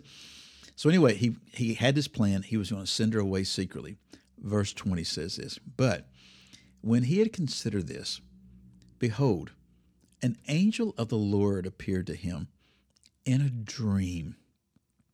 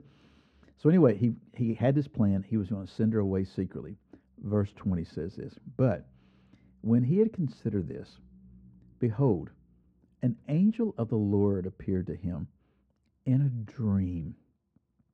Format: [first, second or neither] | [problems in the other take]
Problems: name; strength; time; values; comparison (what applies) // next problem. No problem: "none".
first | muffled; very; fading above 2.5 kHz